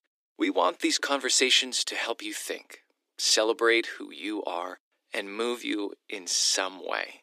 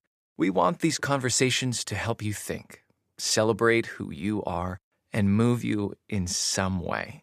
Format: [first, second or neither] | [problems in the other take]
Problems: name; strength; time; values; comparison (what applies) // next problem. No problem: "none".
second | thin; somewhat; fading below 300 Hz